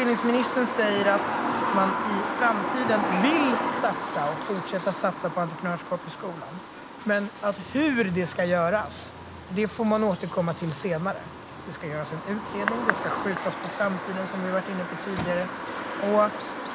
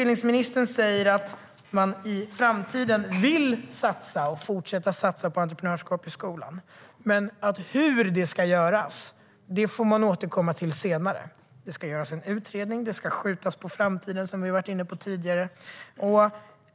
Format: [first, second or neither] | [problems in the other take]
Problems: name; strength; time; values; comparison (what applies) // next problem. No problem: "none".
second | background sound (Bird vocalization, bird call, bird song); 4 dB below the speech